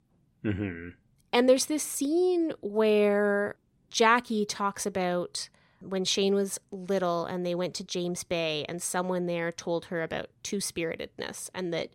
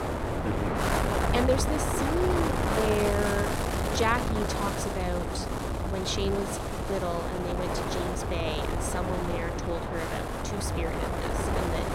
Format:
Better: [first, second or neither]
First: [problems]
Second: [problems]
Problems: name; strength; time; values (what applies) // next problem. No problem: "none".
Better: first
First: none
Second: wind noise on the microphone; heavy; 2 dB above the speech